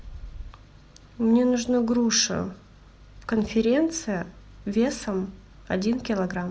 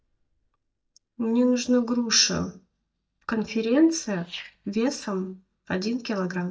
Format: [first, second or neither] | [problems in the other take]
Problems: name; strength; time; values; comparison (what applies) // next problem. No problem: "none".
first | noise reduction (neural mask model DeepFilterNet 3)